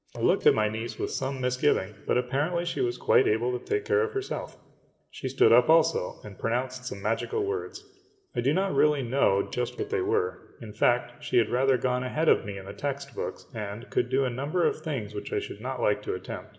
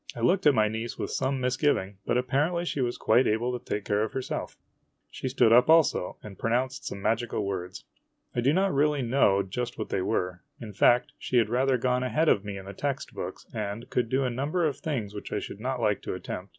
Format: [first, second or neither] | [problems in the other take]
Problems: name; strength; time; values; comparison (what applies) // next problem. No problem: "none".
second | noise reduction (neural separator model SepFormer DNS4)